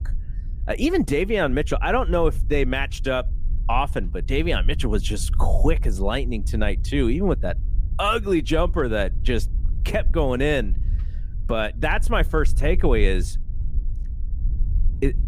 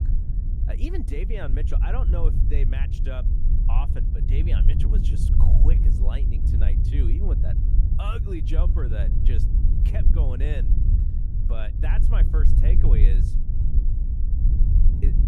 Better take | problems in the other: first | low rumble; loud; throughout; 3 dB below the speech; faint in the first

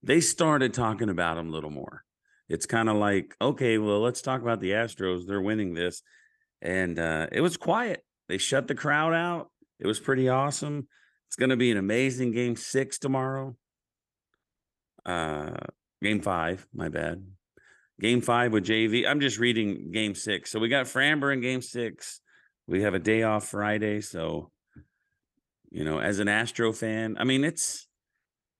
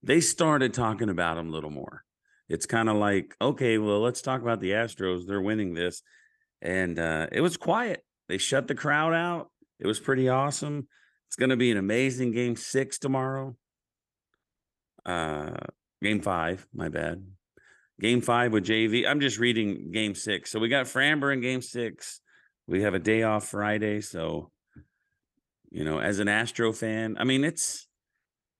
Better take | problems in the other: neither | none

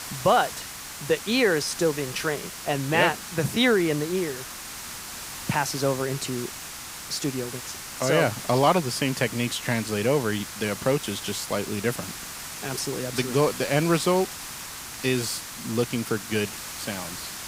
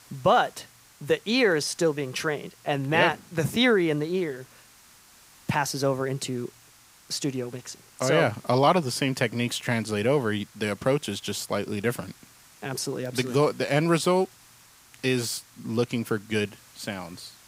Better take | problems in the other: second | hiss; loud; throughout; 9 dB below the speech; faint in the second

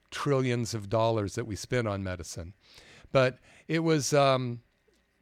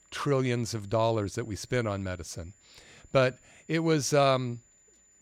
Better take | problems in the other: first | high-pitched whine; faint; throughout; 7 kHz, 30 dB below the speech

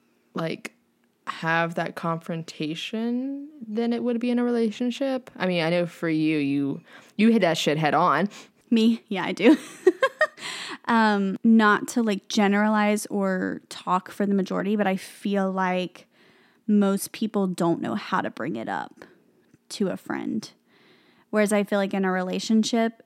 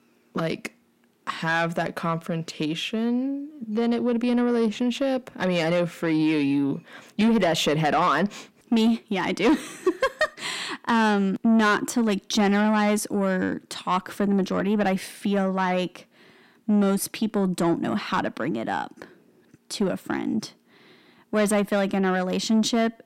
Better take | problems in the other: first | distortion; slight; 10 dB below the speech

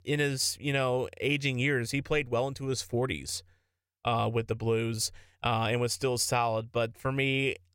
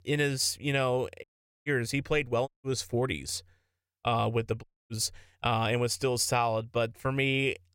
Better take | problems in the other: first | audio cutting out; at 1 s, at 2.5 s and at 4.5 s

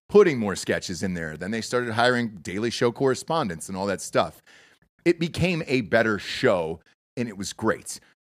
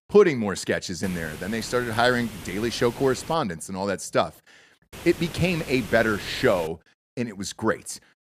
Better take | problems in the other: first | hiss; noticeable; from 1 to 3.5 s and from 5 to 6.5 s; 15 dB below the speech

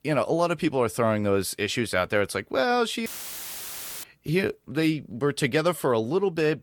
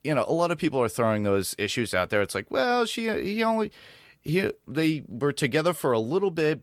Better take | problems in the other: second | audio cutting out; filled with static; at 3 s for 1 s

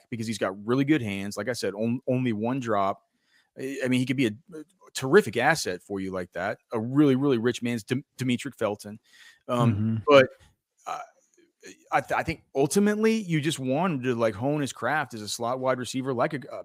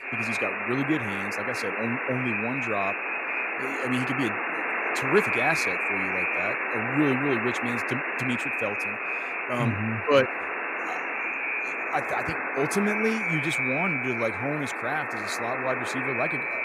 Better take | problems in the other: first | alarms or sirens; very loud; throughout; 2 dB above the speech

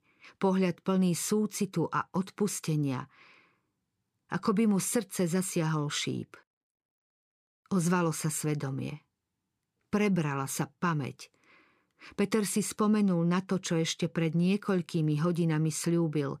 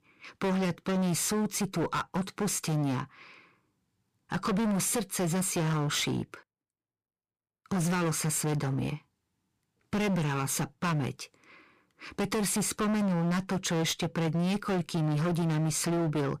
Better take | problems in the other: first | distortion; heavy; 25% of the sound clipped

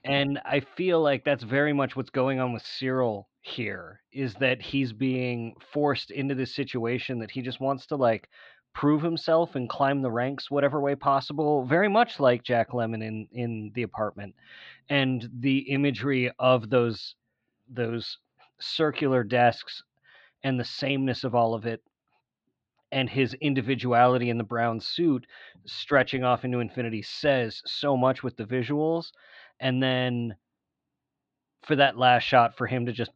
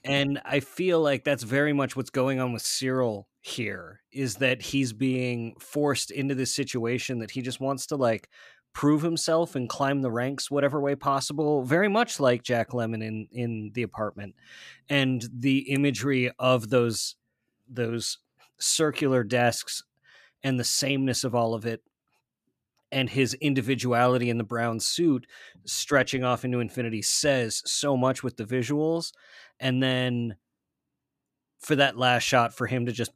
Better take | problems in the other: second | muffled; slightly; fading above 4 kHz

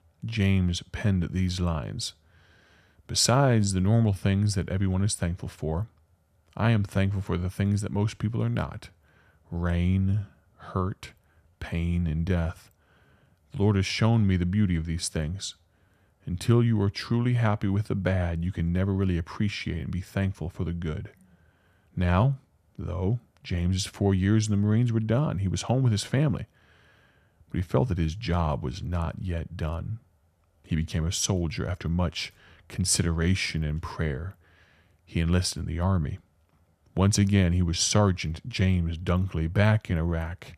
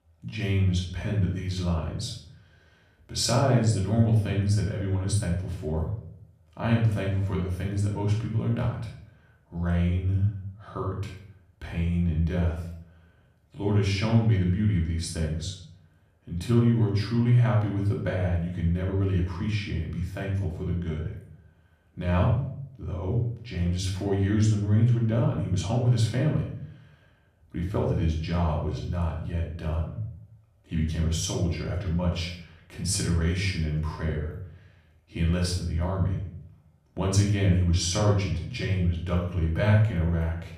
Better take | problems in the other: first | off-mic speech; far // room echo; noticeable; dies away in 0.5 s

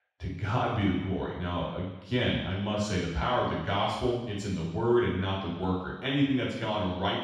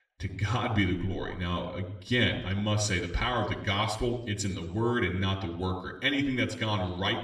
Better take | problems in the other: second | room echo; strong; dies away in 1.1 s; slight in the second // off-mic speech; far; somewhat distant in the second

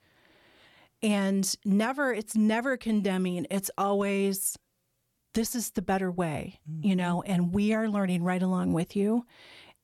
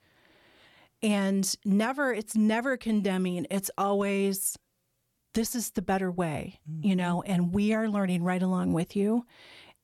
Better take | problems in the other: neither | none

